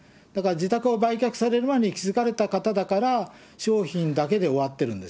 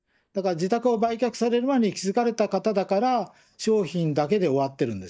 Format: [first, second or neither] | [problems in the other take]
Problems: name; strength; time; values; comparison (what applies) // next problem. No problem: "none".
first | noise reduction (neural mask model DeepFilterNet 3)